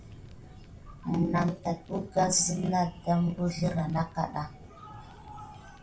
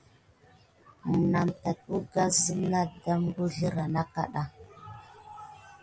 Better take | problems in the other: second | background sound (Fire); 19 dB below the speech // room echo; dies away in 0.3 s

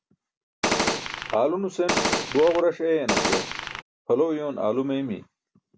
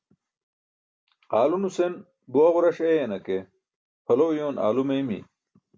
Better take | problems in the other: second | background sound (Gunshot, gunfire); 1 dB above the speech

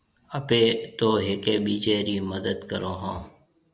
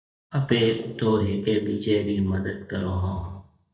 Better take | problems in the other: first | noise reduction (neural mask model DeepFilterNet 3)

